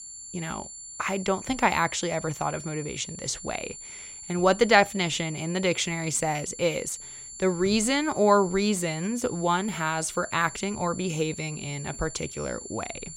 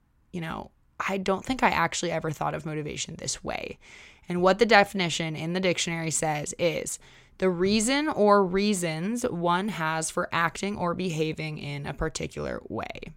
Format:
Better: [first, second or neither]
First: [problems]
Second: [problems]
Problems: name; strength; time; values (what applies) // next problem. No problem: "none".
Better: second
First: high-pitched whine; noticeable; throughout; 7.5 kHz, 10 dB below the speech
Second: none